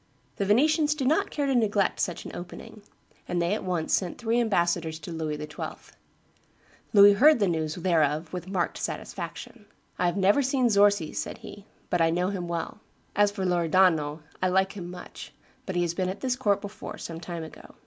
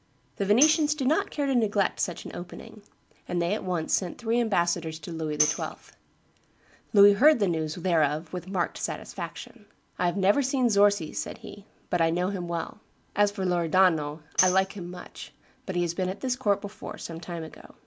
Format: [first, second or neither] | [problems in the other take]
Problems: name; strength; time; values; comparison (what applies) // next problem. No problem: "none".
first | background sound (Tambourine); 7 dB below the speech